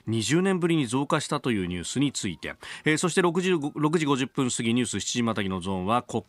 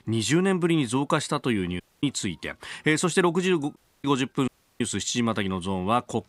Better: first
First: none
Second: audio cutting out; at 2 s, at 4 s and at 4.5 s

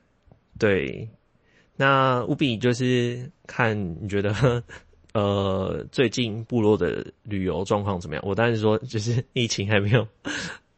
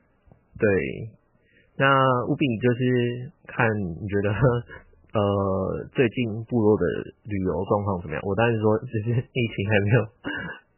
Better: first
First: garbled, watery; slightly; nothing above 8 kHz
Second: garbled, watery; badly; nothing above 3 kHz

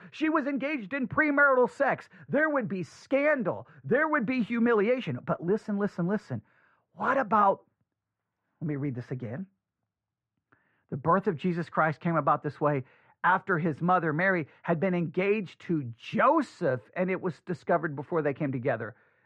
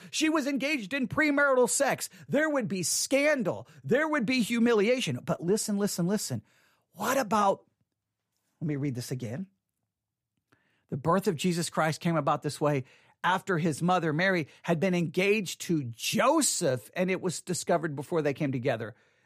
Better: second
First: muffled; very; fading above 1.5 kHz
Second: none

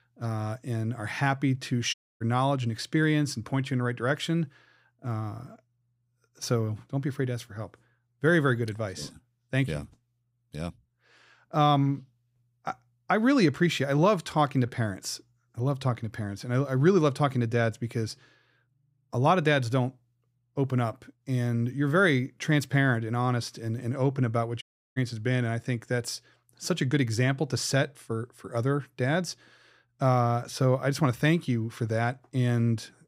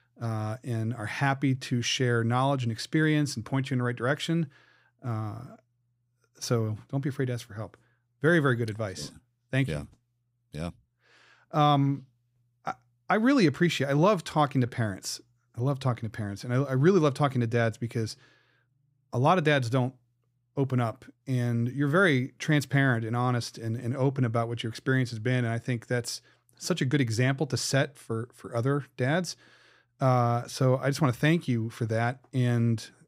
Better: second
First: audio cutting out; at 2 s and at 25 s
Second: none

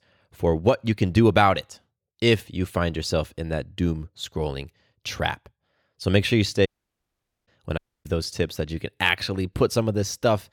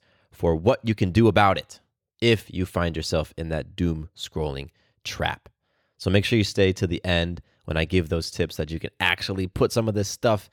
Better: second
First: audio cutting out; at 6.5 s for 1 s and at 8 s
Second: none

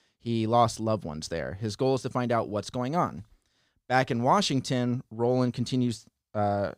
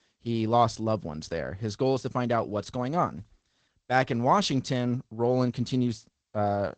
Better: first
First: none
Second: garbled, watery; slightly; nothing above 7.5 kHz

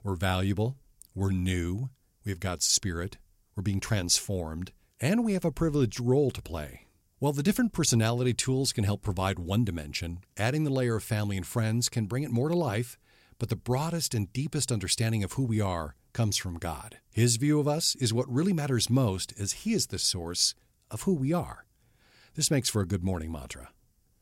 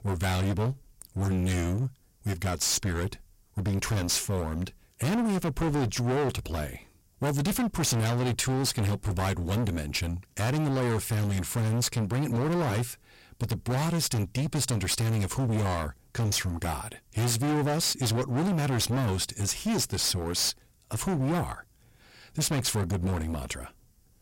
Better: first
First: none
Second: distortion; heavy; 28% of the sound clipped

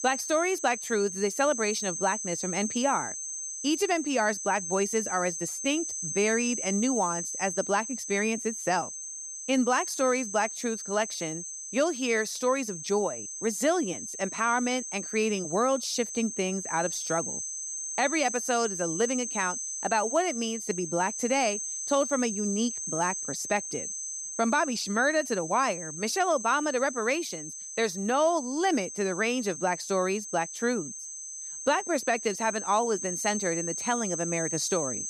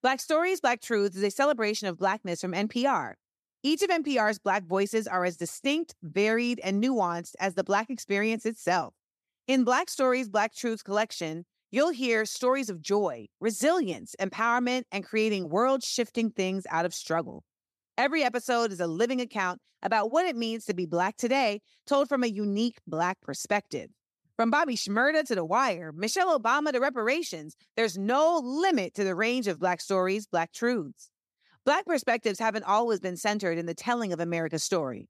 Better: second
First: high-pitched whine; loud; throughout; 6.5 kHz, 5 dB below the speech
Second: none

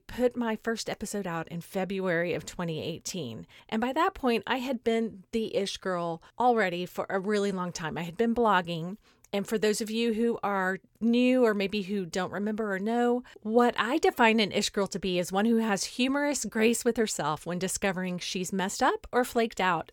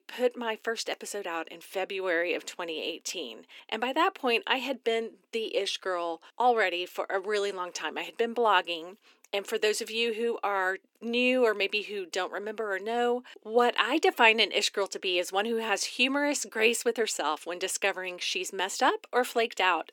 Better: first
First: none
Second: thin; somewhat; fading below 300 Hz

